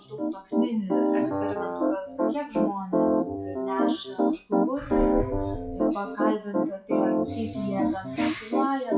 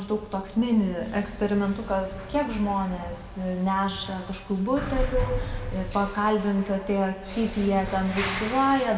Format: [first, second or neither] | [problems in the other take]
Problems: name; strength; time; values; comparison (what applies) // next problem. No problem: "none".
second | noise reduction (classical method log-MMSE)